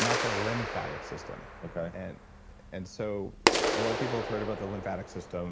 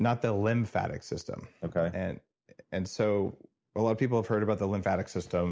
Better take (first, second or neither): second